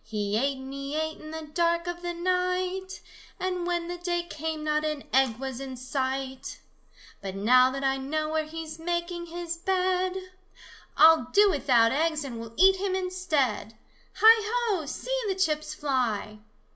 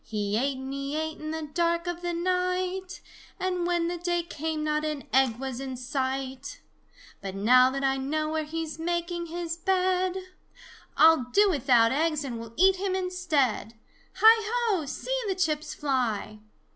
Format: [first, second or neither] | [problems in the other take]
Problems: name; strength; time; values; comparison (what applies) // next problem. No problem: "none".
second | room echo; dies away in 0.3 s